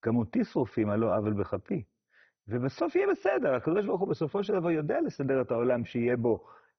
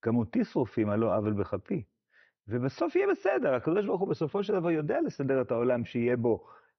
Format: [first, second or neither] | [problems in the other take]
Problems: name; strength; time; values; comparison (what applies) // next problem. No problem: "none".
second | garbled, watery; badly; nothing above 6 kHz; slightly in the second